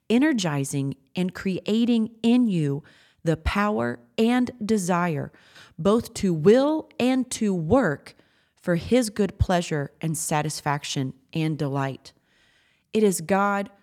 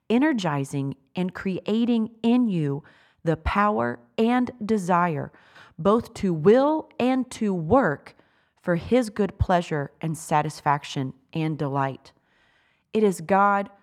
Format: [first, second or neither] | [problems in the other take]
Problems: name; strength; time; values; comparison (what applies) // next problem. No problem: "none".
first | muffled; slightly; fading above 3.5 kHz